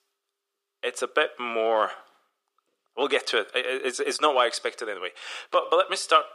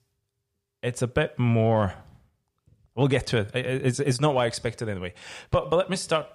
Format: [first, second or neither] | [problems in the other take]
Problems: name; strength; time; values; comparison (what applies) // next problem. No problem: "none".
second | thin; very; fading below 350 Hz